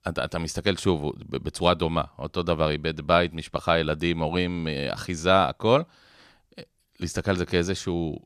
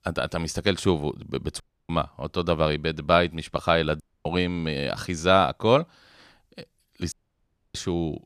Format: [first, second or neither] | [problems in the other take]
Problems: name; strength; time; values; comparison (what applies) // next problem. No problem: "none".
first | audio cutting out; at 1.5 s, at 4 s and at 7 s for 0.5 s